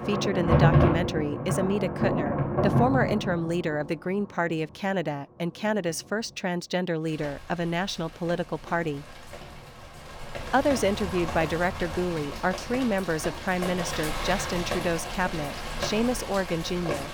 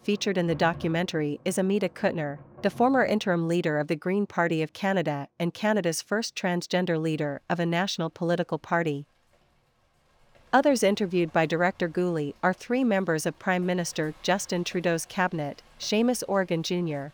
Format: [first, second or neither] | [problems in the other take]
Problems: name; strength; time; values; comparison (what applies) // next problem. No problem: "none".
second | rain or running water; loud; throughout; 1 dB below the speech; faint in the second